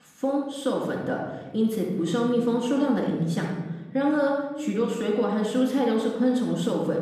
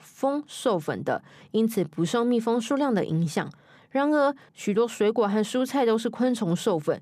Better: second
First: off-mic speech; far // room echo; noticeable; dies away in 1.2 s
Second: none

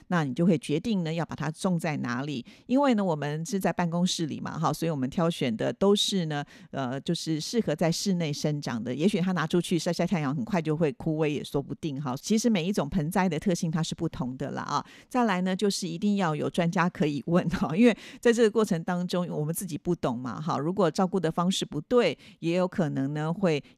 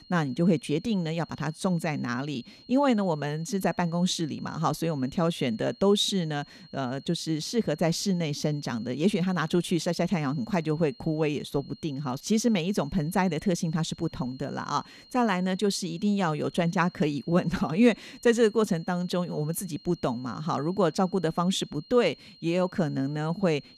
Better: first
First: none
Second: high-pitched whine; faint; throughout; 4 kHz, 25 dB below the speech

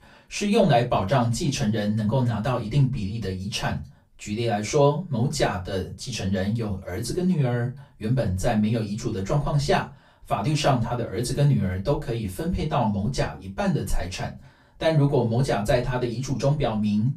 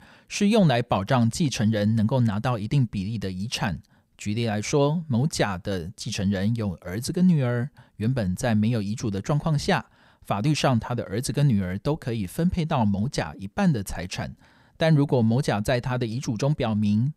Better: second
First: off-mic speech; far // room echo; very slight; dies away in 0.2 s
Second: none

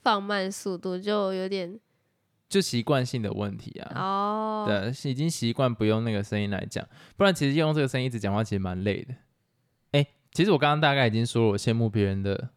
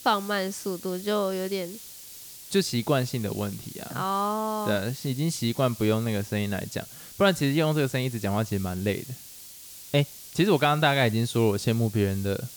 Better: first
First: none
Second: hiss; noticeable; throughout; 15 dB below the speech

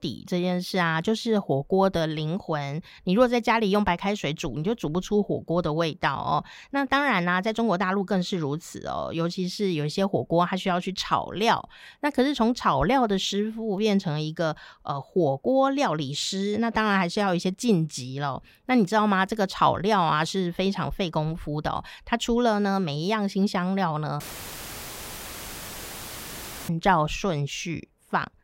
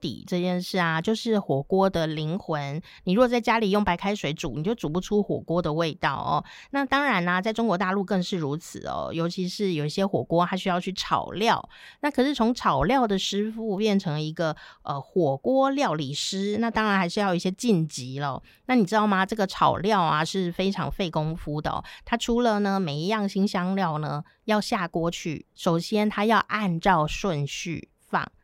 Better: second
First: audio cutting out; filled with static; at 24 s for 2.5 s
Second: none

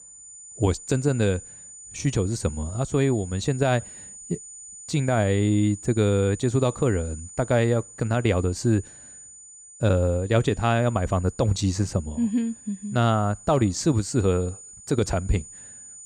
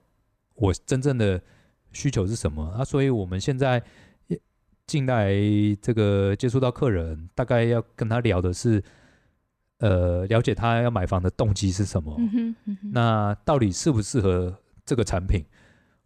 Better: second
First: high-pitched whine; noticeable; throughout; 7 kHz, 15 dB below the speech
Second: none

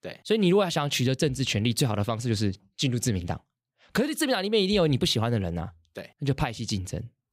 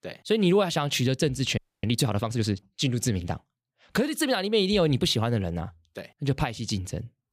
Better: first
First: none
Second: audio freezing; at 1.5 s

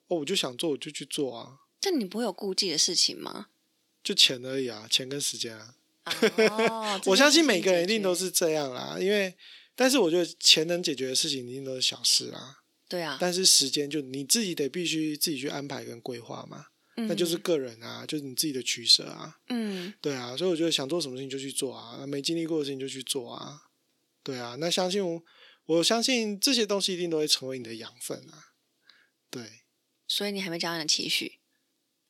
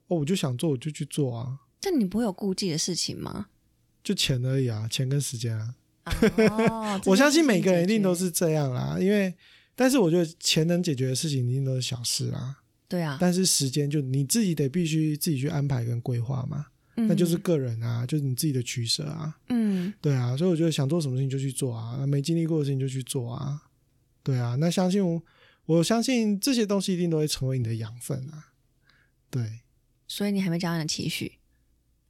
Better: second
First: thin; somewhat; fading below 300 Hz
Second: none

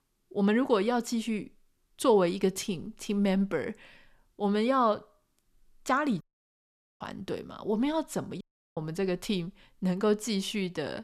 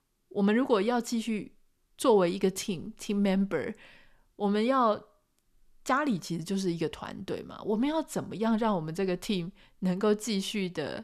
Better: second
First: audio cutting out; at 6 s for 1 s and at 8.5 s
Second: none

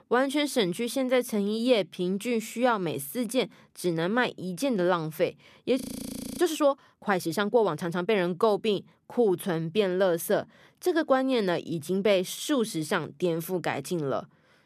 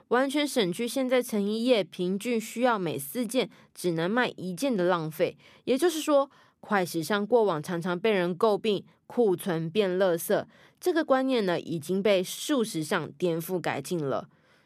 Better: second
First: audio freezing; at 6 s for 0.5 s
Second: none

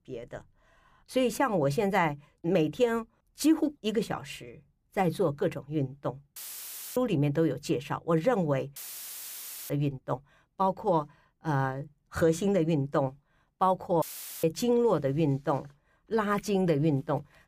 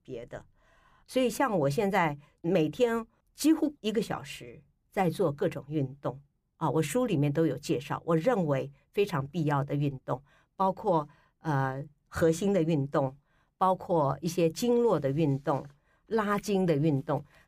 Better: second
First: audio cutting out; filled with static; at 6.5 s for 0.5 s, at 9 s for 1 s and at 14 s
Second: none

